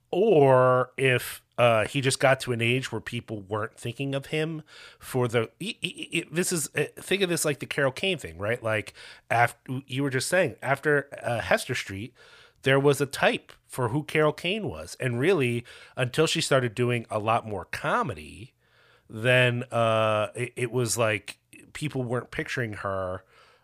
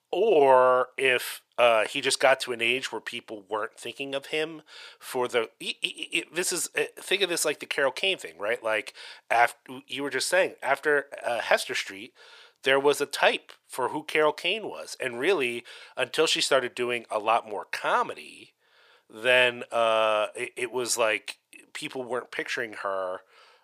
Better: first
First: none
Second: thin; somewhat; fading below 450 Hz

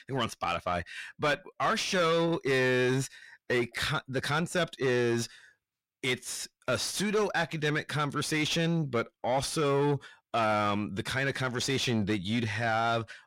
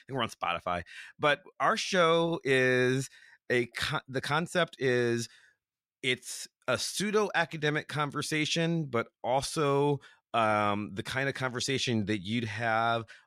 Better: second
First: distortion; slight; 10 dB below the speech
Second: none

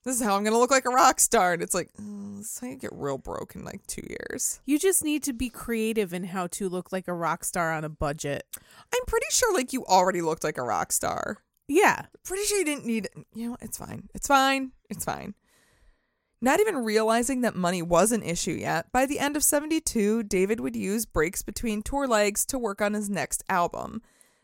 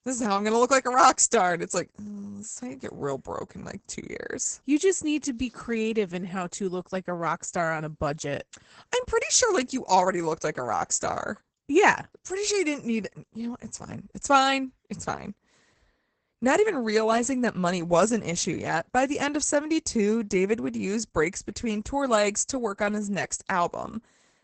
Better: first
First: none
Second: garbled, watery; badly; nothing above 8 kHz

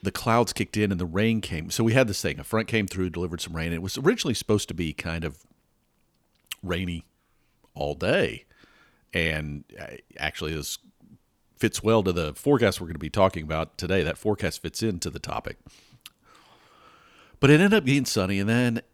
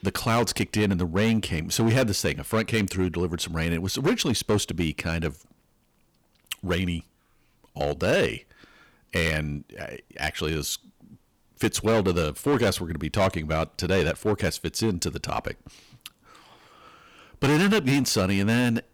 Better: first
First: none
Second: distortion; heavy; 7% of the sound clipped

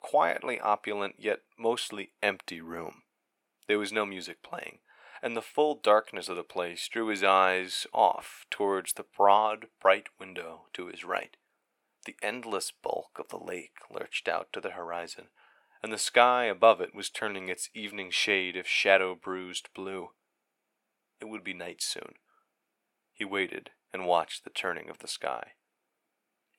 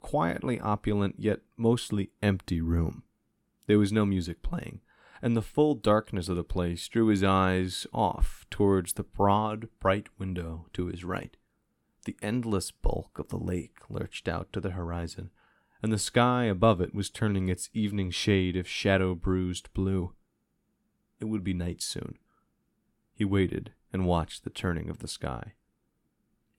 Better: second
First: thin; very; fading below 600 Hz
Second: none

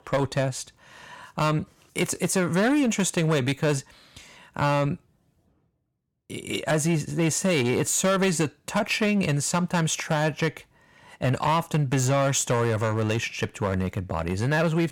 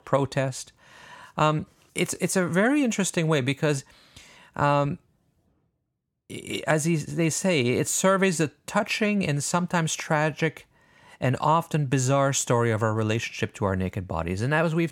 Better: second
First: distortion; slight; 7% of the sound clipped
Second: none

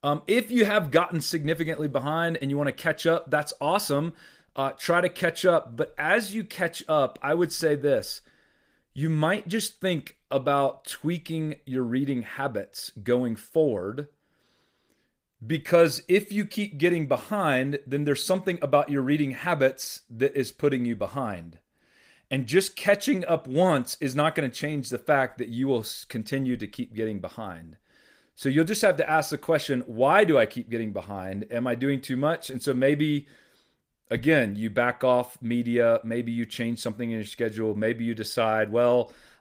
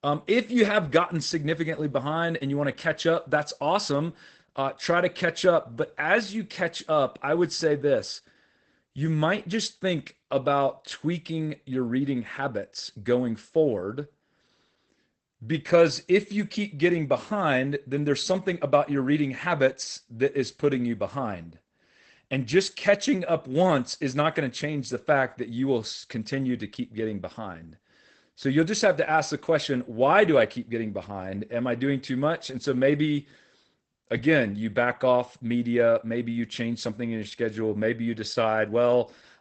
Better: first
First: garbled, watery; slightly; nothing above 15.5 kHz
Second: garbled, watery; badly; nothing above 8 kHz

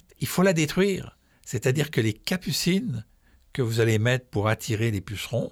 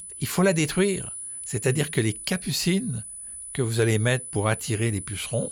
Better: first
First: none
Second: high-pitched whine; loud; throughout; 10 kHz, 9 dB below the speech

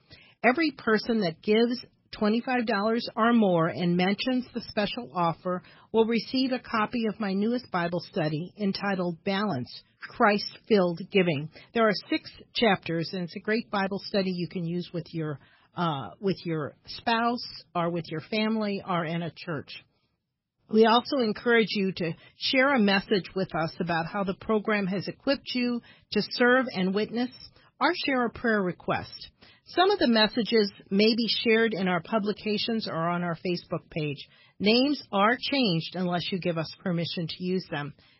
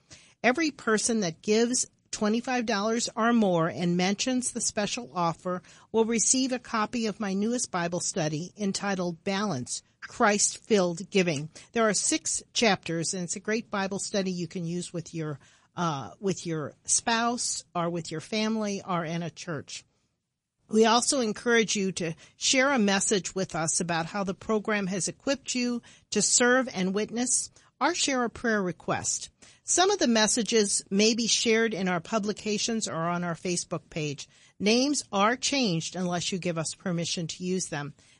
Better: second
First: garbled, watery; badly; nothing above 5.5 kHz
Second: garbled, watery; slightly; nothing above 9 kHz

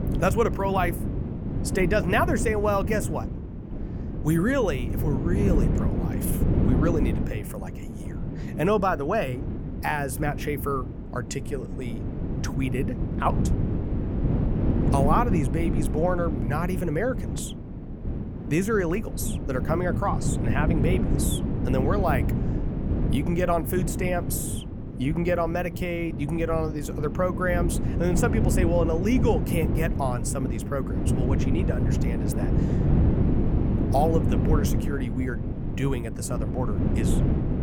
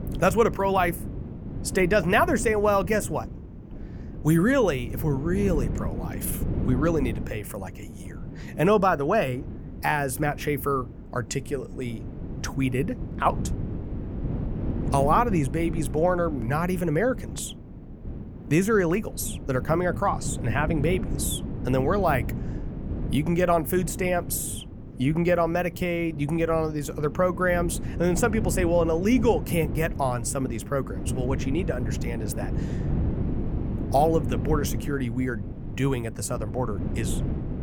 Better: second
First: wind noise on the microphone; heavy; 7 dB below the speech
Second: wind noise on the microphone; occasional gusts; 15 dB below the speech

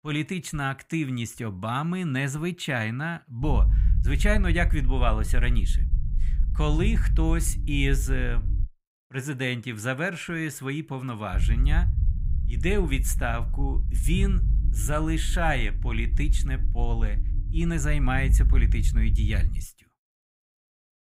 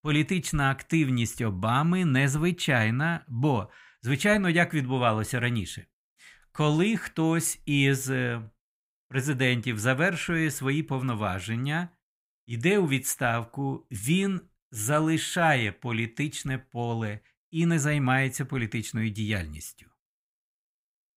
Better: second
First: low rumble; noticeable; from 3.5 to 8.5 s and from 11 to 20 s; 15 dB below the speech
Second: none

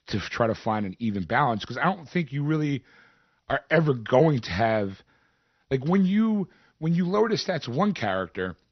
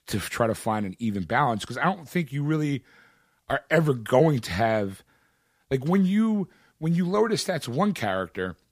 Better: second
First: garbled, watery; slightly; nothing above 6 kHz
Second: none

